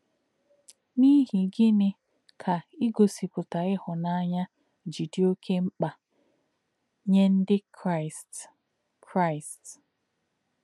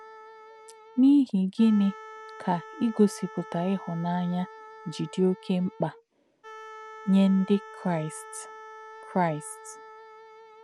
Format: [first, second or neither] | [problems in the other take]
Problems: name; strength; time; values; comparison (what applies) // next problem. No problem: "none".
first | background sound (Wind instrument, woodwind instrument); 18 dB below the speech